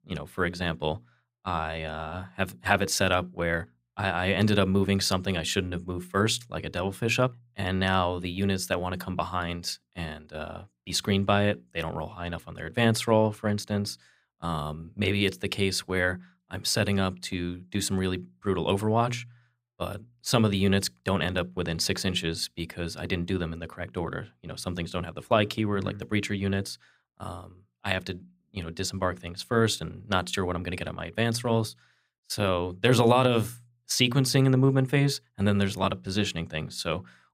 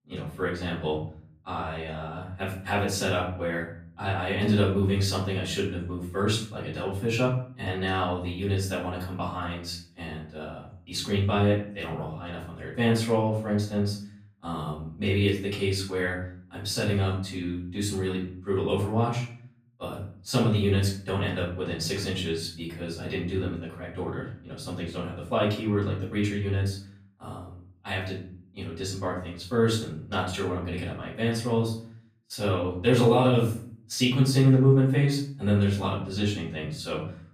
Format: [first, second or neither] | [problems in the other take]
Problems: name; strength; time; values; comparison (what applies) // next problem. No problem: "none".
first | off-mic speech; far // room echo; noticeable; dies away in 0.5 s